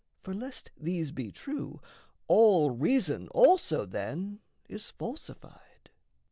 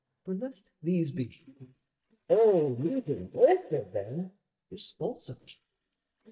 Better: first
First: none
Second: noise reduction (neural mask model DeepFilterNet 3)

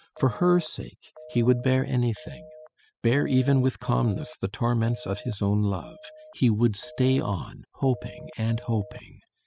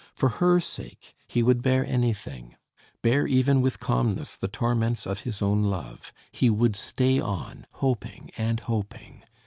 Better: second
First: noise reduction (classical method spectral subtraction)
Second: none

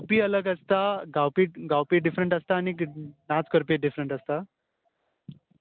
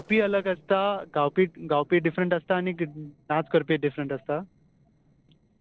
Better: first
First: none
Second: noise reduction (neural separator model SepFormer DNS4)

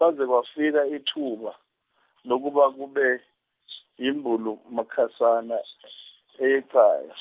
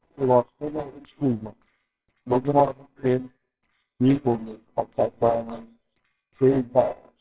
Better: first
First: none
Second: noise reduction (neural separator model SepFormer WHAMR!)

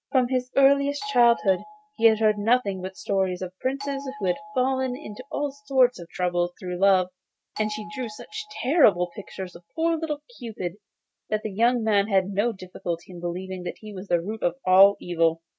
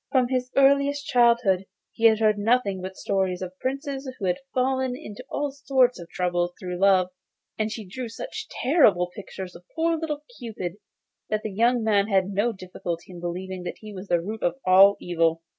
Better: second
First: noise reduction (neural mask model RNNoise)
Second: none

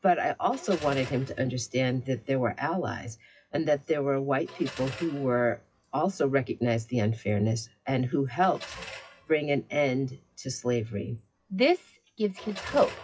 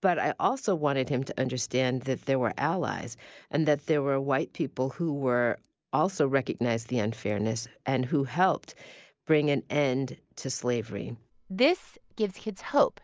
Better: second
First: noise reduction (classical method WPE with log-MMSE)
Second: none

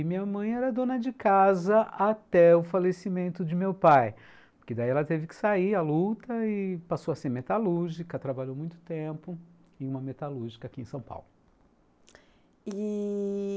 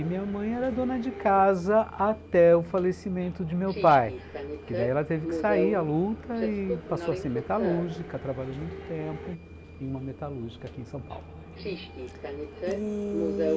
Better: first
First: none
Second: background sound (Subway, metro, underground); 8 dB below the speech

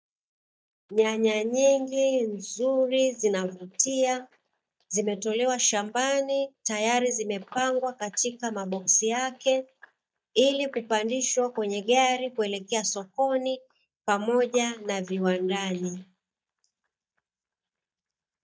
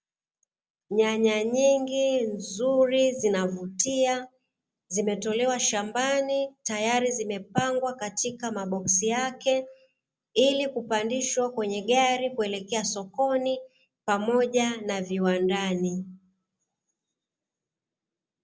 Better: second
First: noise reduction (neural mask model DeepFilterNet 3)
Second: none

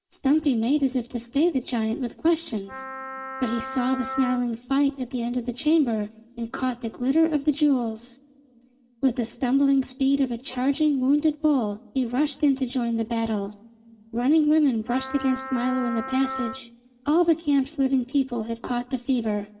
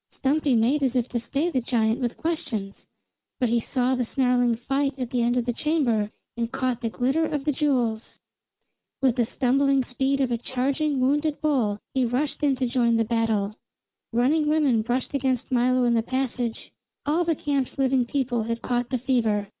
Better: second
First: background sound (Wind instrument, woodwind instrument); 11 dB below the speech // room echo; dies away in 0.9 s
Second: none

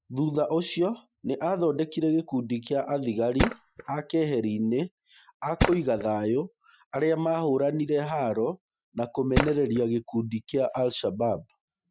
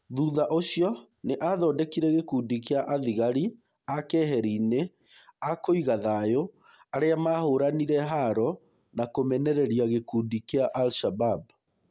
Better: second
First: noise reduction (classical method Wiener filter)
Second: none

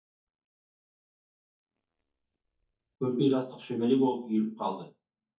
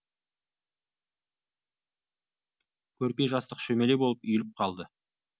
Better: second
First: noise reduction (neural mask model DeepFilterNet 3)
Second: none

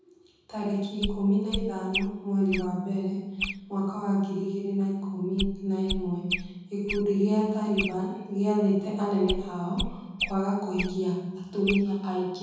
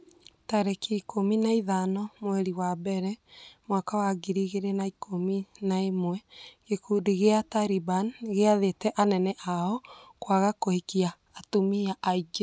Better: second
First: background sound (Chirp, tweet); 8 dB below the speech // room echo; dies away in 1.3 s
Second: none

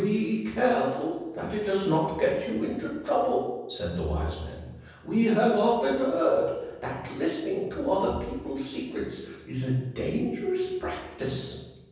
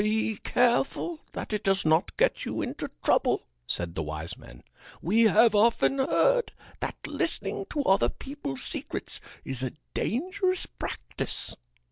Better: second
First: room echo; dies away in 1.1 s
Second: none

